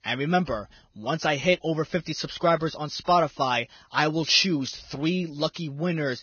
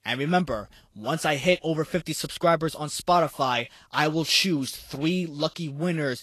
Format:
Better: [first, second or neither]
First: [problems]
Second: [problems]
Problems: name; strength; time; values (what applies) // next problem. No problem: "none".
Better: second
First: garbled, watery; badly; nothing above 6 kHz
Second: garbled, watery; slightly; nothing above 12.5 kHz